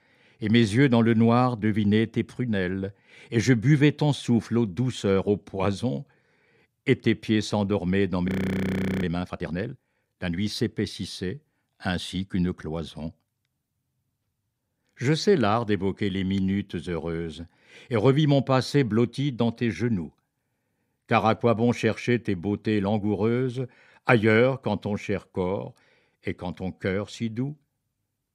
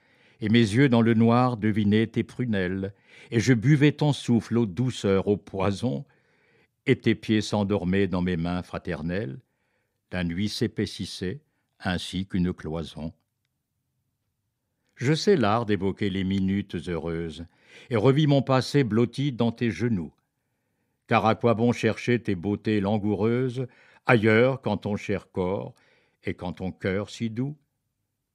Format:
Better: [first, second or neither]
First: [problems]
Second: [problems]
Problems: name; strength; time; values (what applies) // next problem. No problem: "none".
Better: second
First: audio freezing; at 8.5 s for 1 s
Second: none